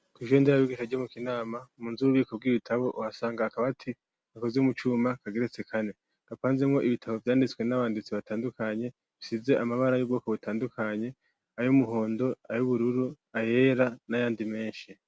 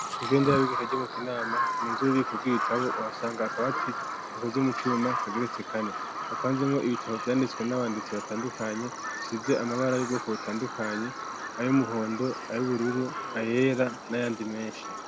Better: first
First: none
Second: background sound (Bird vocalization, bird call, bird song); 5 dB below the speech

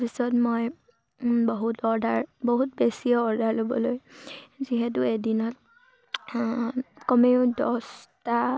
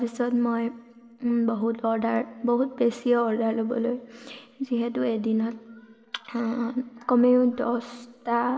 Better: first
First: none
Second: room echo; dies away in 1.3 s

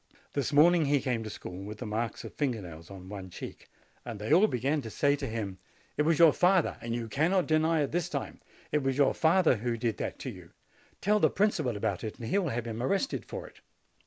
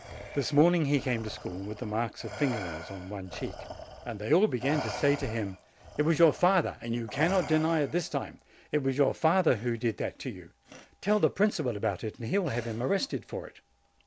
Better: first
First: none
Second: background sound (Respiratory sounds); 15 dB below the speech

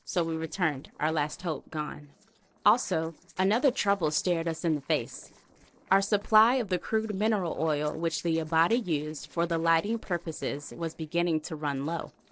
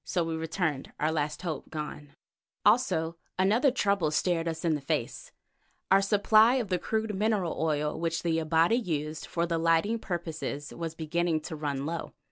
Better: second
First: noise reduction (neural separator model SepFormer DNS4)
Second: none

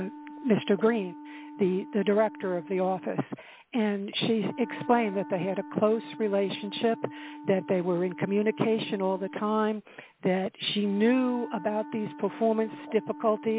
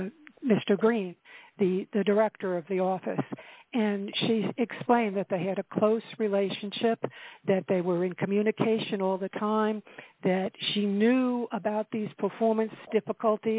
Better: second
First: background sound (Wind instrument, woodwind instrument); 16 dB below the speech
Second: none

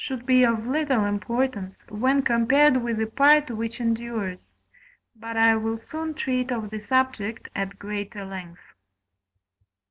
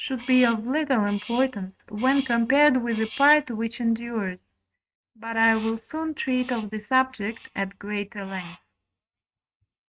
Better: first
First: none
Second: noise reduction (neural mask model RNNoise)

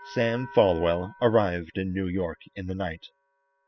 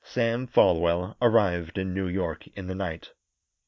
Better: second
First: noise reduction (classical method spectral subtraction)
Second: none

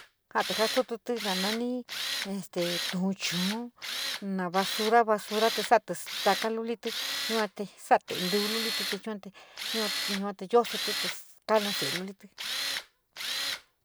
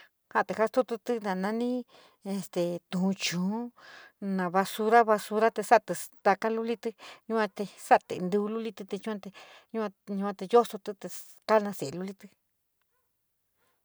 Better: second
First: background sound (Tools); 5 dB below the speech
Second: none

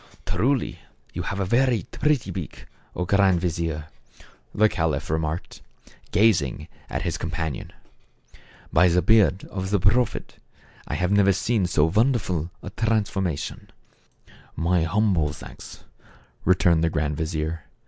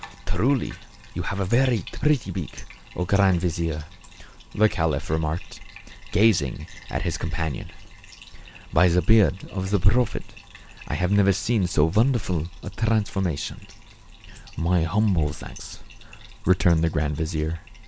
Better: first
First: none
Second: background sound (Bathtub (filling or washing)); 20 dB below the speech

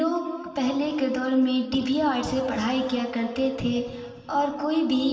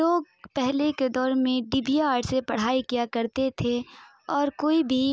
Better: second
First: room echo; dies away in 2.4 s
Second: none

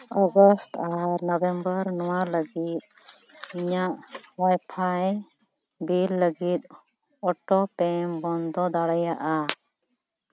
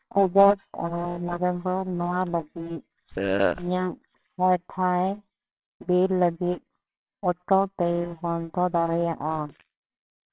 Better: first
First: none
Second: noise reduction (neural separator model SepFormer WHAMR!)

